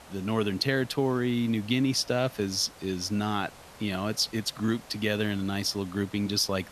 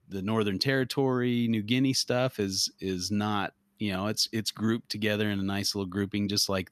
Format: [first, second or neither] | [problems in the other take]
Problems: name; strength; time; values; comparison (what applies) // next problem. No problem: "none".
second | hiss; faint; throughout; 20 dB below the speech